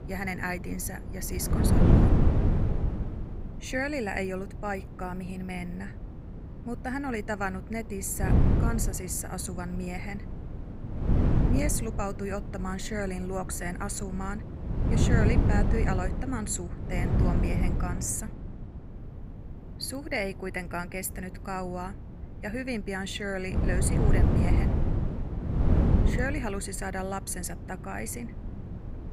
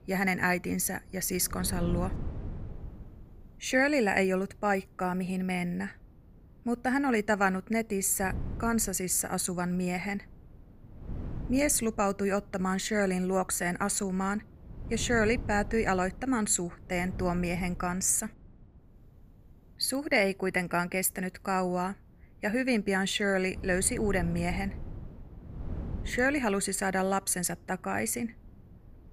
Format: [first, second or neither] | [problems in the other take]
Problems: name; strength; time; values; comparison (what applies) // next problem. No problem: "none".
second | wind noise on the microphone; heavy; 3 dB below the speech; occasional gusts in the second